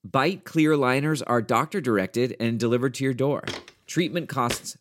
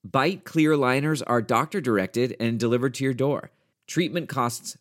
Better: second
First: footsteps; noticeable; from 3.5 s on; peak 9 dB below the speech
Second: none

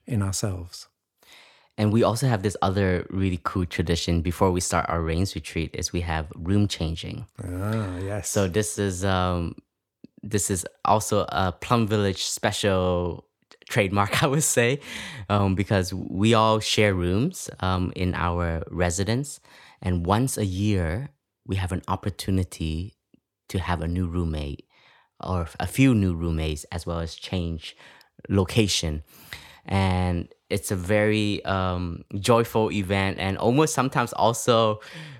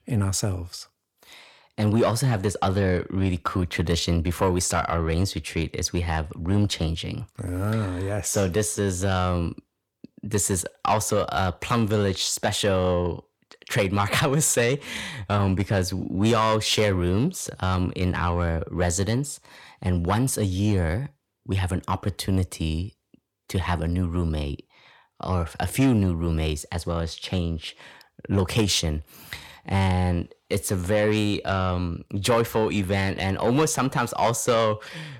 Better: first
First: none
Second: distortion; slight; 10 dB below the speech

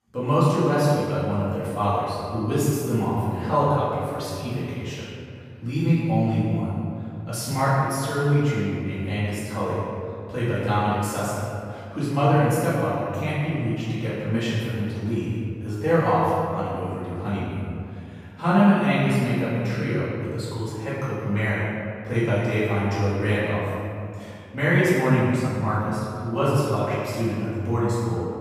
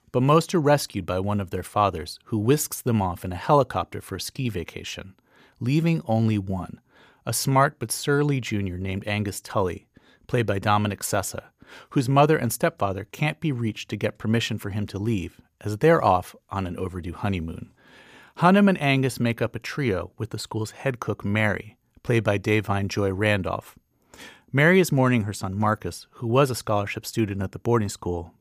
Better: second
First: off-mic speech; far // room echo; strong; dies away in 2.3 s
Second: none

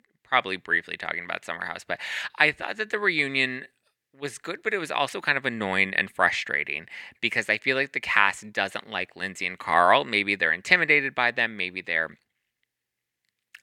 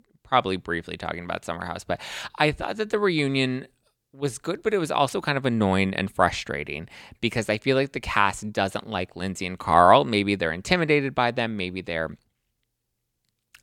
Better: second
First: thin; somewhat; fading below 300 Hz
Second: none

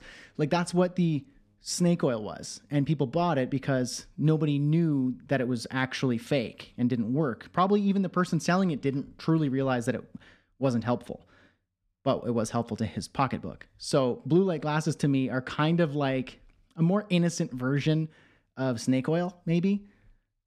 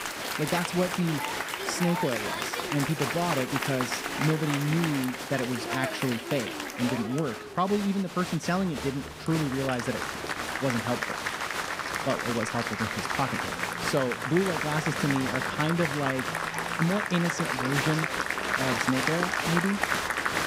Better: first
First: none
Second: crowd noise; loud; throughout; 1 dB below the speech

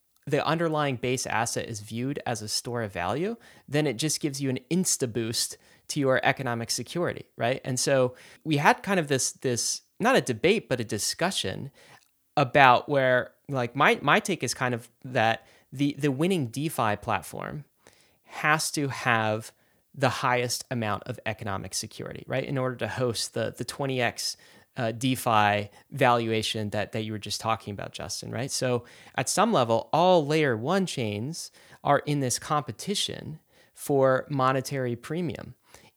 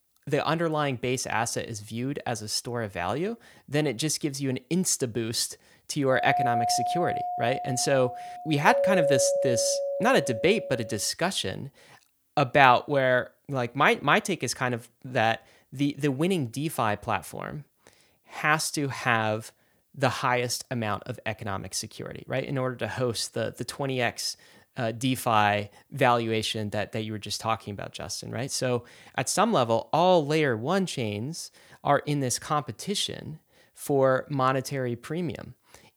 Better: first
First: none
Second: doorbell; loud; from 6 to 11 s; peak 3 dB above the speech

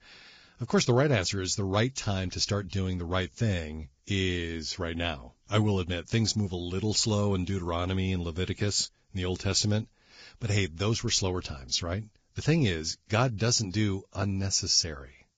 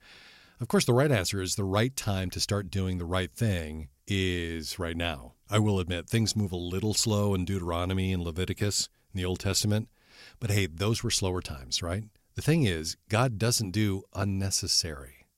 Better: second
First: garbled, watery; badly; nothing above 7.5 kHz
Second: none

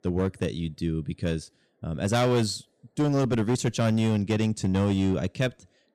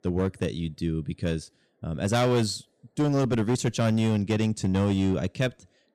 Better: neither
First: distortion; slight; 11% of the sound clipped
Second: distortion; slight; 11% of the sound clipped

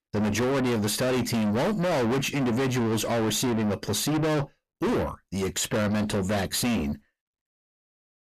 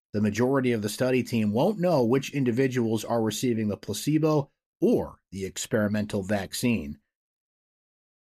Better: second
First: distortion; heavy; 6 dB below the speech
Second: none

